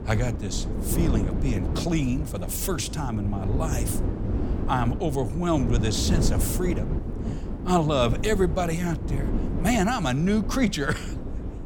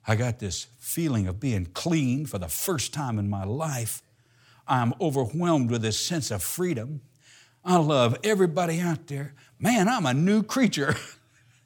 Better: second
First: wind noise on the microphone; heavy; 9 dB below the speech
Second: none

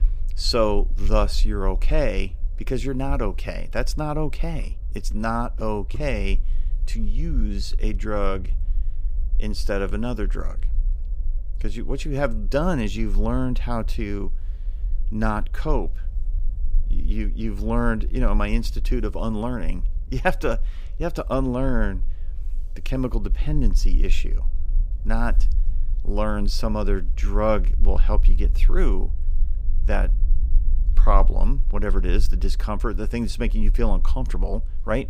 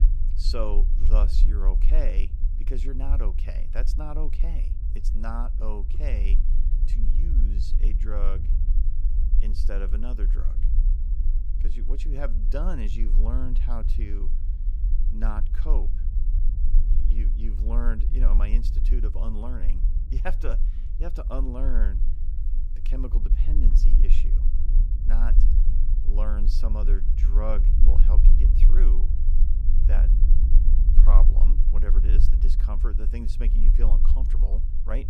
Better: first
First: low rumble; faint; throughout; 25 dB below the speech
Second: low rumble; loud; throughout; 8 dB below the speech

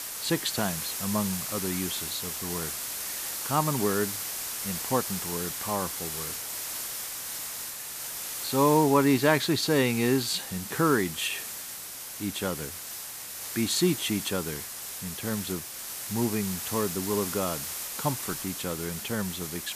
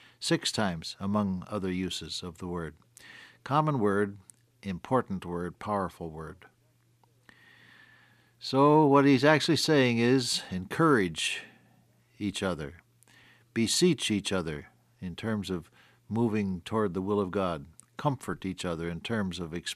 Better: second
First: hiss; loud; throughout; 4 dB below the speech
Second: none

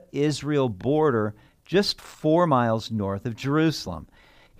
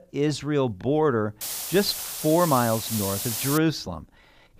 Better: first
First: none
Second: hiss; loud; from 1.5 to 3.5 s; 5 dB below the speech

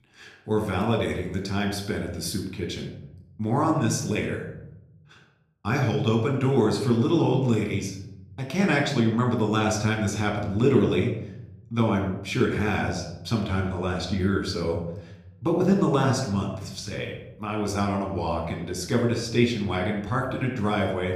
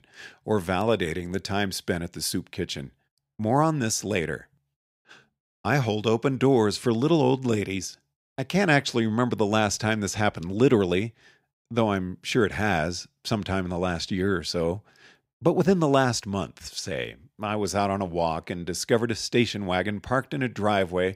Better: second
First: off-mic speech; somewhat distant // room echo; slight; dies away in 0.9 s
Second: none

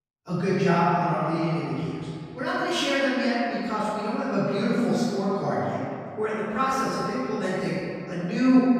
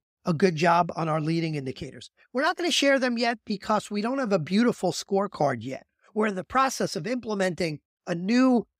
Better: second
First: off-mic speech; far // room echo; strong; dies away in 2.4 s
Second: none

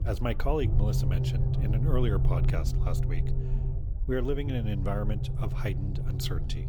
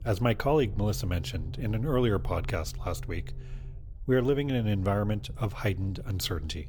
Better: second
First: low rumble; loud; throughout; 6 dB below the speech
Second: low rumble; faint; throughout; 20 dB below the speech

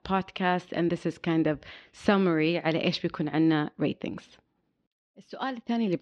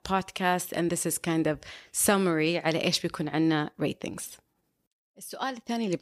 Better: second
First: muffled; slightly; fading above 4 kHz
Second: none

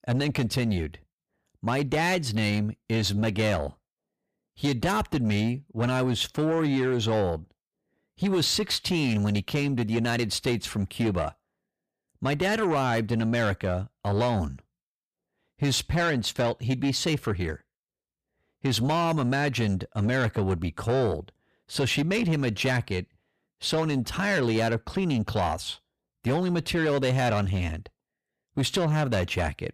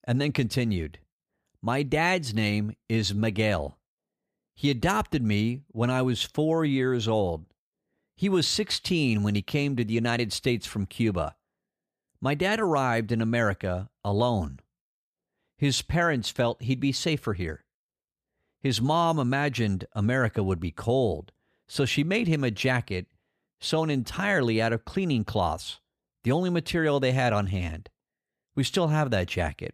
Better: second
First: distortion; slight; 10 dB below the speech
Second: none

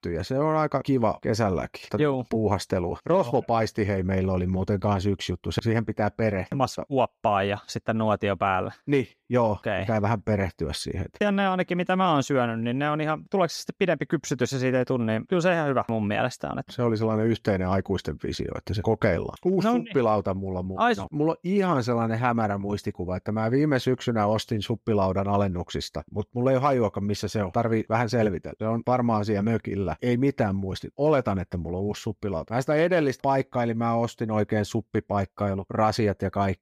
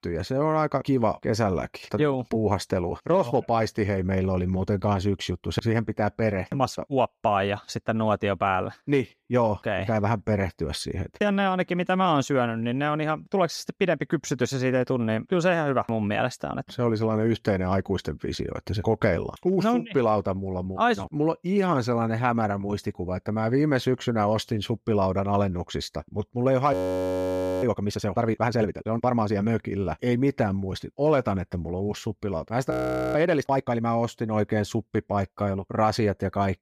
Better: first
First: none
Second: audio freezing; at 27 s for 1 s and at 33 s

